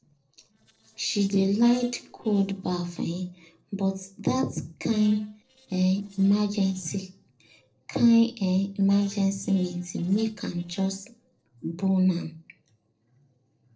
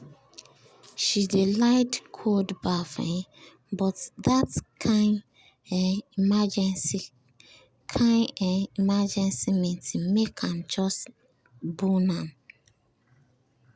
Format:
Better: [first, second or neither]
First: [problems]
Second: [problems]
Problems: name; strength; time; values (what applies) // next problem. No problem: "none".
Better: second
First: noise reduction (neural separator model SepFormer DNS4)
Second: none